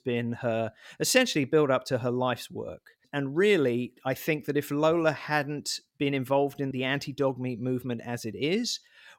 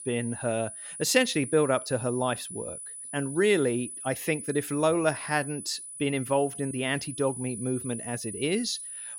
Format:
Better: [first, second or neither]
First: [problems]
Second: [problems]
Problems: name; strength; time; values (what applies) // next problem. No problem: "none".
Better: first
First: none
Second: high-pitched whine; loud; throughout; 10 kHz, 9 dB below the speech